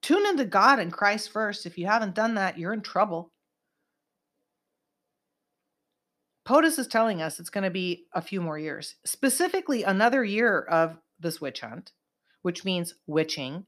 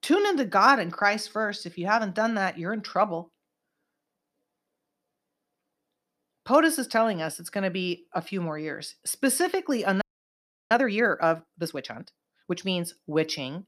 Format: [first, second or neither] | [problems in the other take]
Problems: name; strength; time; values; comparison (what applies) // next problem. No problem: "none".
first | audio freezing; at 10 s for 0.5 s